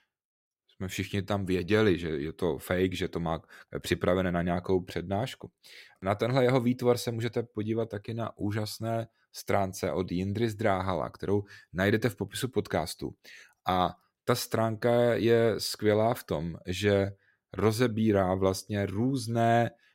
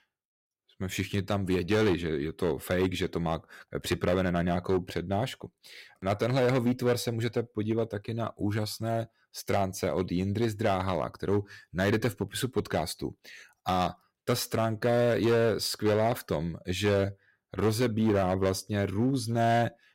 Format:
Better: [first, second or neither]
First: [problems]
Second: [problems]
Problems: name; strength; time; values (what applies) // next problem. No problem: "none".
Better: first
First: none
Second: distortion; slight; 7% of the sound clipped